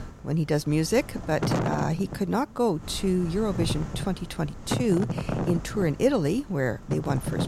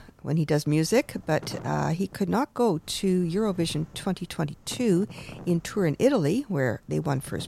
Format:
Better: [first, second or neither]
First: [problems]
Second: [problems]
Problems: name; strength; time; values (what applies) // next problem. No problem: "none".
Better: second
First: wind noise on the microphone; heavy; 7 dB below the speech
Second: wind noise on the microphone; occasional gusts; 20 dB below the speech